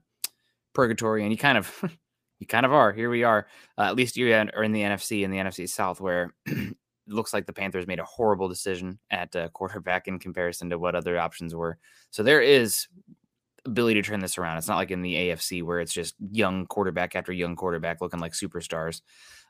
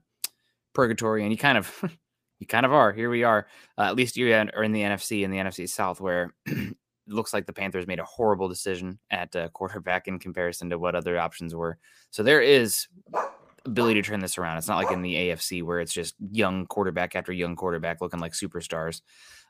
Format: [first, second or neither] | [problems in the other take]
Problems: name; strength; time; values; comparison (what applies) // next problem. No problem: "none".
first | dog barking; noticeable; from 13 to 15 s; peak 5 dB below the speech